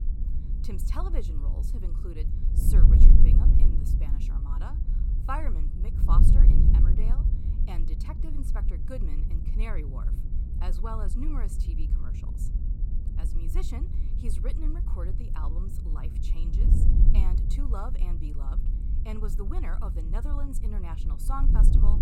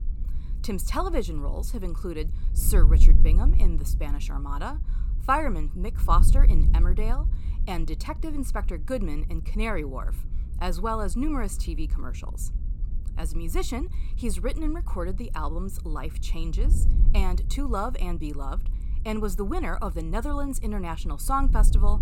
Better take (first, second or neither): second